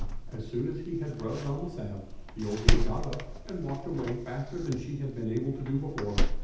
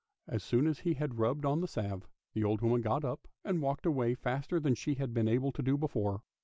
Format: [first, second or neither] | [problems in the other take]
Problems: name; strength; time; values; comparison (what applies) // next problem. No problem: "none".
second | background sound (Door); 3 dB above the speech // room echo; dies away in 0.8 s